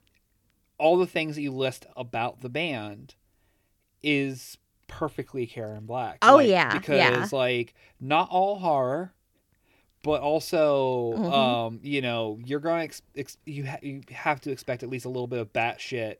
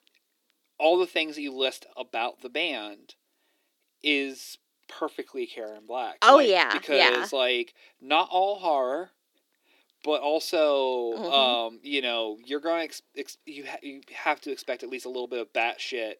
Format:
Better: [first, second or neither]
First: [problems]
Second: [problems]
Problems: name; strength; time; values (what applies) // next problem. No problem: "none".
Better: first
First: none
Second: thin; very slightly; fading below 300 Hz